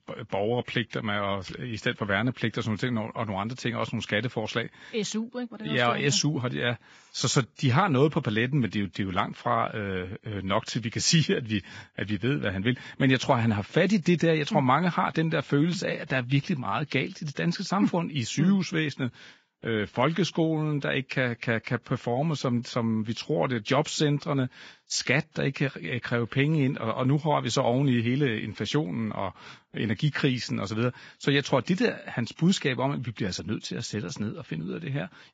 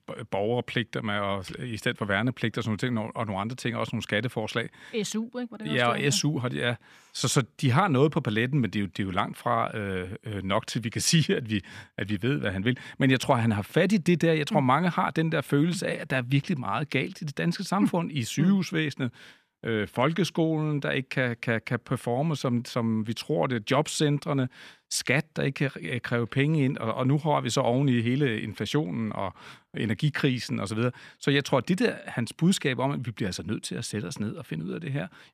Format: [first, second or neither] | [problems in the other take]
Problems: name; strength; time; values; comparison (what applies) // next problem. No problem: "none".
second | garbled, watery; badly; nothing above 7.5 kHz